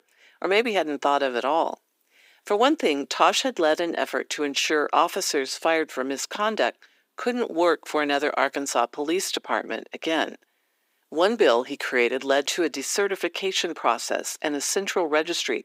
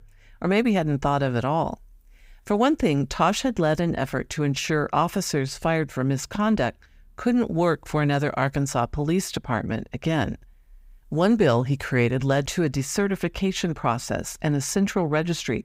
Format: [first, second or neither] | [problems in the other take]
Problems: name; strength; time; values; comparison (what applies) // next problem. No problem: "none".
second | thin; somewhat; fading below 300 Hz